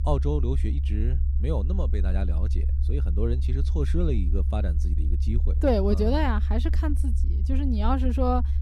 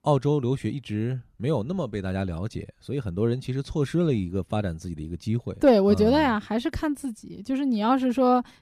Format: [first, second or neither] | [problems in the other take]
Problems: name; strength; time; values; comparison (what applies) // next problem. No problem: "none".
second | low rumble; noticeable; throughout; 15 dB below the speech